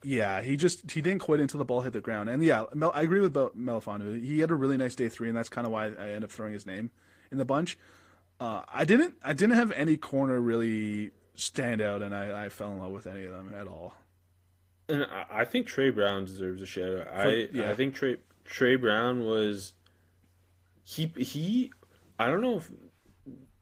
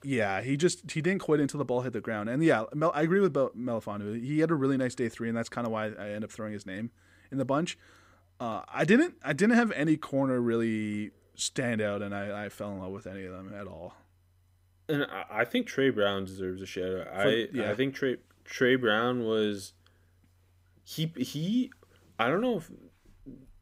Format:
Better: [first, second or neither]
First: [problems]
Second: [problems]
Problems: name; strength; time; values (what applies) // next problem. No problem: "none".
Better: second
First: garbled, watery; slightly; nothing above 15.5 kHz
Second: none